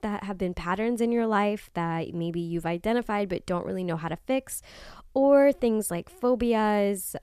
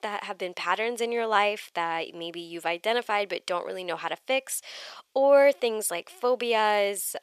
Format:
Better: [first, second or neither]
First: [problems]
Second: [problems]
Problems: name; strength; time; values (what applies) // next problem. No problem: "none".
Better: first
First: none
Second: thin; somewhat; fading below 600 Hz